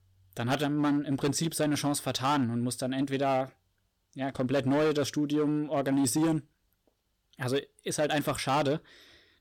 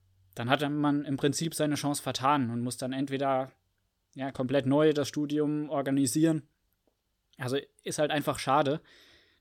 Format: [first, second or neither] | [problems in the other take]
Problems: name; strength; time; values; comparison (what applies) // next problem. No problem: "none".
second | distortion; slight; 8% of the sound clipped